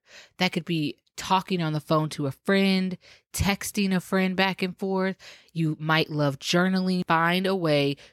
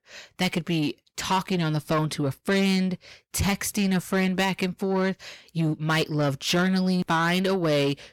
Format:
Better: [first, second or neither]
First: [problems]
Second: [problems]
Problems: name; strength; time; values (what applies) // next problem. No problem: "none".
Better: first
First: none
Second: distortion; slight; 10 dB below the speech